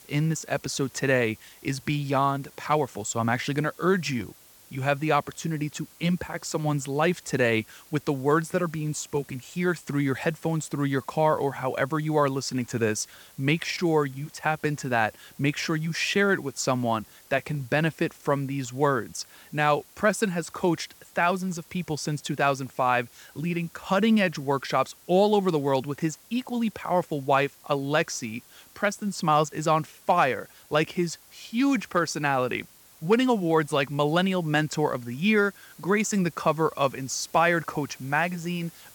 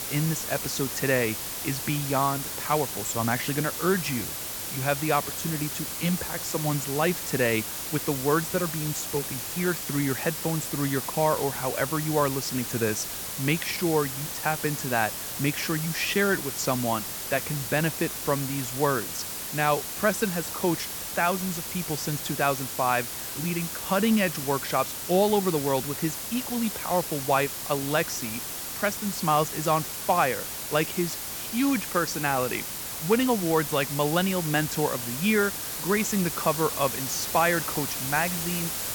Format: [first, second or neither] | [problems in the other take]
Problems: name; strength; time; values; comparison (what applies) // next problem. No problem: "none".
first | hiss; loud; throughout; 4 dB below the speech; faint in the first